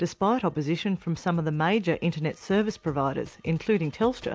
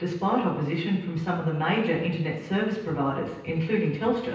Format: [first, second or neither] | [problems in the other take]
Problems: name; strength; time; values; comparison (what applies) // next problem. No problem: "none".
first | room echo; dies away in 0.9 s